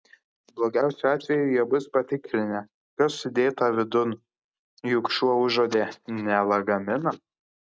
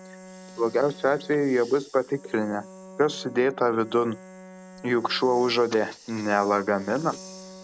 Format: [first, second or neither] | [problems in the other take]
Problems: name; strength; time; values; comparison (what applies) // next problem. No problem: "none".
first | background sound (Bowed string instrument + Hiss); 19 dB below the speech